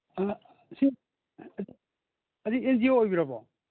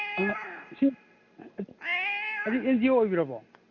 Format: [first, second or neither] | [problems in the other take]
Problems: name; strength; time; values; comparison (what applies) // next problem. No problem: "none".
first | background sound (Cat); 7 dB below the speech